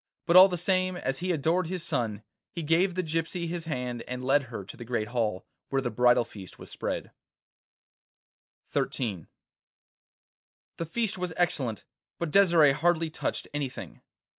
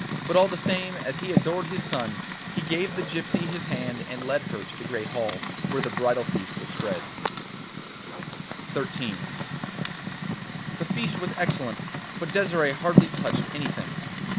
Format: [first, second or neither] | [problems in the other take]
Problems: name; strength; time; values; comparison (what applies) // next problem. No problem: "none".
first | background sound (Fire); as loud as the speech